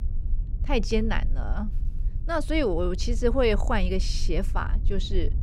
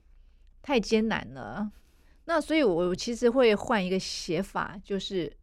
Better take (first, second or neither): second